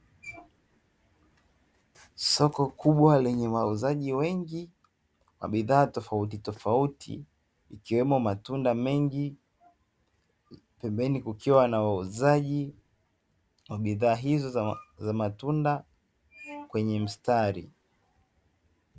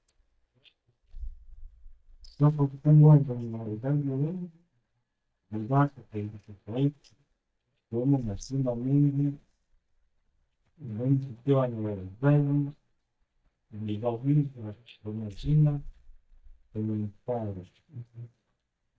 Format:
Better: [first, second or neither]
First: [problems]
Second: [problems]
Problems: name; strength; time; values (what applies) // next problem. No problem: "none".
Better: first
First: none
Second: noise reduction (neural mask model DeepFilterNet 3)